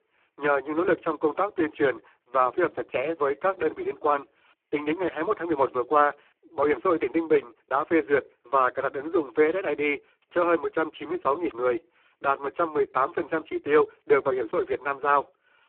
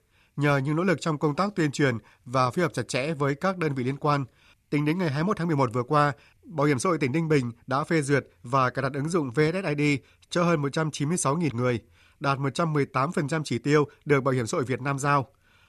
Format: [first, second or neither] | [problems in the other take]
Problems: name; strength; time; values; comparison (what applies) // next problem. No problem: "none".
second | phone-call audio; poor line